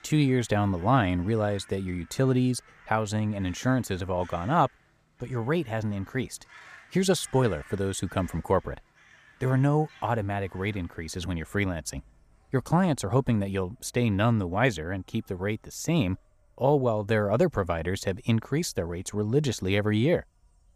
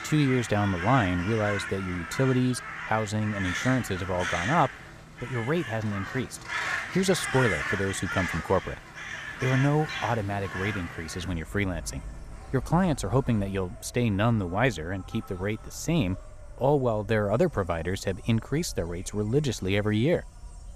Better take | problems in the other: first | animal sounds; loud; throughout; 7 dB below the speech; faint in the first

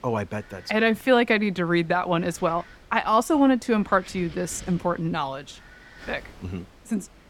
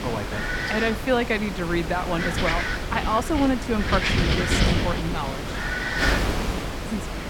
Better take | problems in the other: first | wind noise on the microphone; heavy; as loud as the speech; occasional gusts in the first

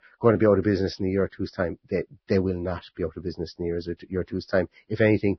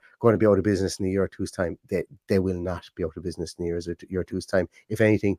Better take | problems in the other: second | garbled, watery; badly; nothing above 5.5 kHz

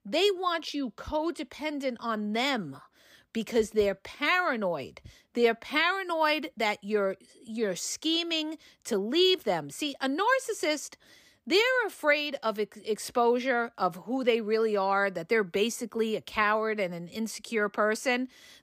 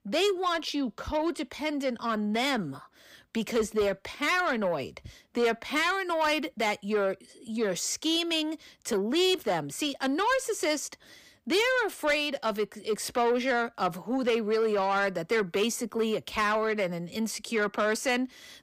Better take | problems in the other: first | distortion; slight; 10 dB below the speech

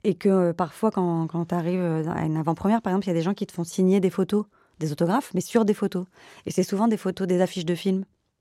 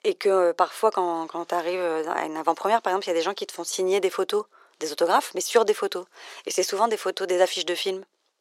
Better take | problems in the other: first | thin; very; fading below 400 Hz

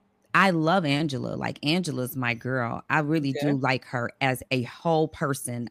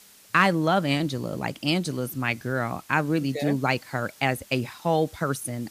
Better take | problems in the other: first | hiss; faint; throughout; 25 dB below the speech

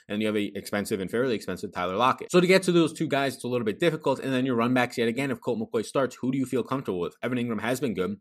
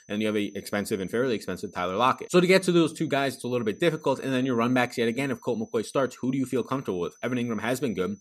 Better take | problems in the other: first | high-pitched whine; faint; throughout; 6 kHz, 30 dB below the speech

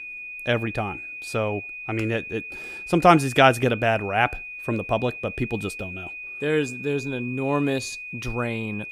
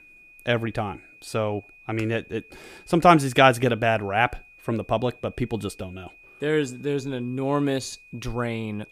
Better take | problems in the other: second | high-pitched whine; loud; throughout; 2.5 kHz, 10 dB below the speech; faint in the second

